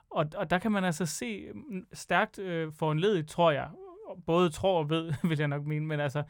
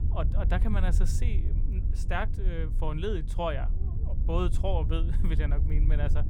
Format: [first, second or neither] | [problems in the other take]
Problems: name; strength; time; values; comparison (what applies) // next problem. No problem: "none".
first | wind noise on the microphone; occasional gusts; 10 dB below the speech